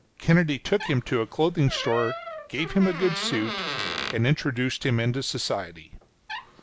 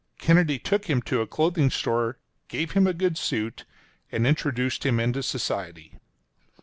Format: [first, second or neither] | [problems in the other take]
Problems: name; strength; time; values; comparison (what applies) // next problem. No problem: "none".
second | background sound (Door); 10 dB below the speech